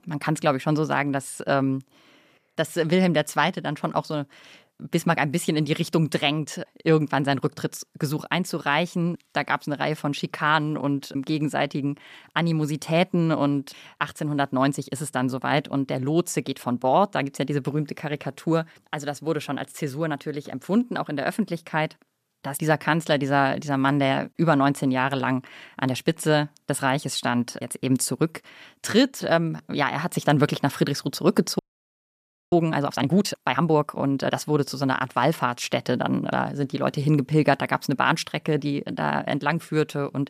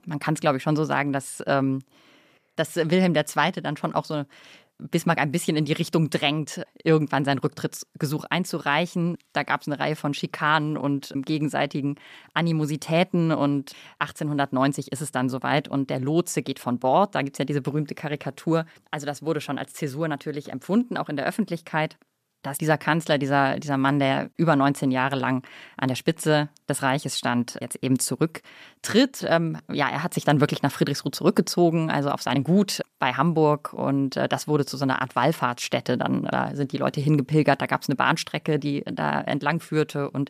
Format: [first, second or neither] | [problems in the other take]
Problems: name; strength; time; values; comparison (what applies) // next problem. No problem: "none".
second | audio freezing; at 32 s for 1 s